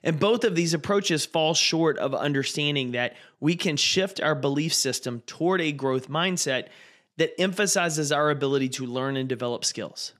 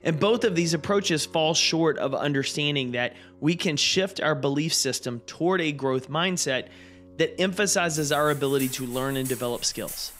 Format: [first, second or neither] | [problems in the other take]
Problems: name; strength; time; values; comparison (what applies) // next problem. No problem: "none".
first | background music; noticeable; throughout; 15 dB below the speech